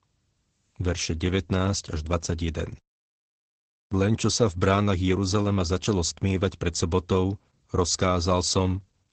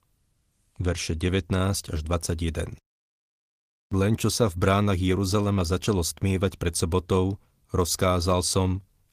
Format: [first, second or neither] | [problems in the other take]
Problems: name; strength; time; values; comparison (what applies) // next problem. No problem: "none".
second | garbled, watery; badly; nothing above 8 kHz; slightly in the second